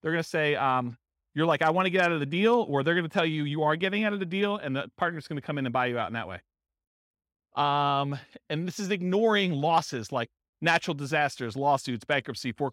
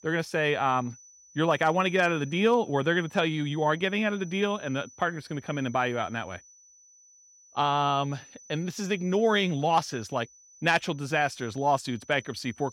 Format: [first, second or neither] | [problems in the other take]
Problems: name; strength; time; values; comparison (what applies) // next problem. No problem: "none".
first | high-pitched whine; faint; throughout; 6 kHz, 25 dB below the speech